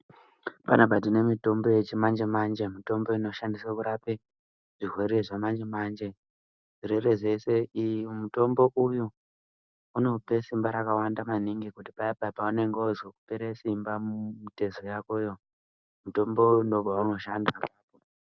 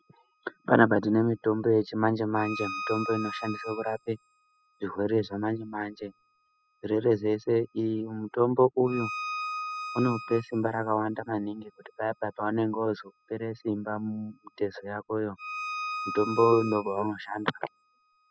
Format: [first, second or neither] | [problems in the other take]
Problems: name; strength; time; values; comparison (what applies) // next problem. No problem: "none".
first | noise reduction (classical method spectral subtraction)